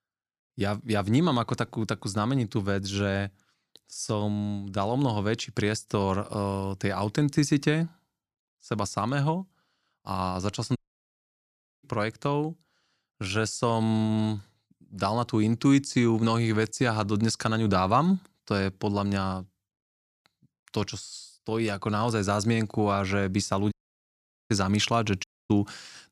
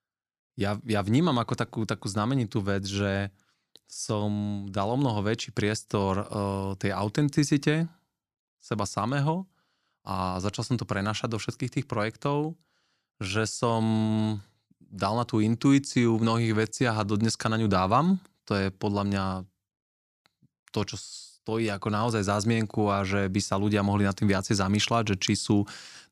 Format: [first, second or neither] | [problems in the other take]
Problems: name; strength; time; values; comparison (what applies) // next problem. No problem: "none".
second | audio cutting out; at 11 s for 1 s, at 24 s for 1 s and at 25 s